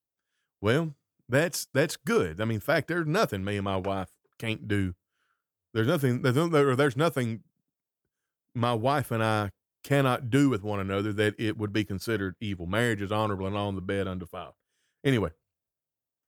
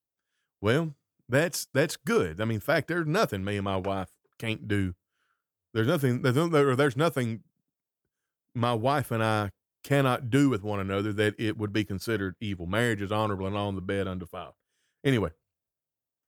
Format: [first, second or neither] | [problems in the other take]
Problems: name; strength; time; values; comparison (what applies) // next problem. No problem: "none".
neither | none